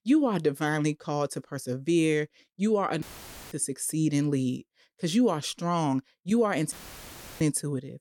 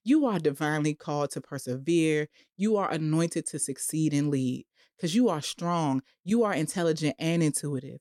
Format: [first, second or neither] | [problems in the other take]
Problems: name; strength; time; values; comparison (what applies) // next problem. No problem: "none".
second | audio cutting out; filled with static; at 3 s for 0.5 s and at 6.5 s for 0.5 s